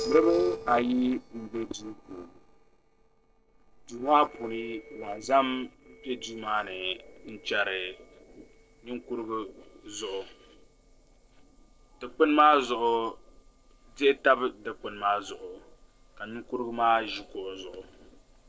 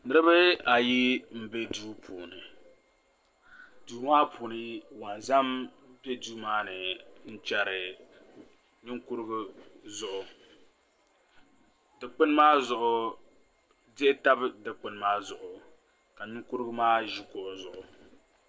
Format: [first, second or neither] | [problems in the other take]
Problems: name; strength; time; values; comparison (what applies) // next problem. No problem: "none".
second | noise reduction (neural separator model SepFormer DNS4)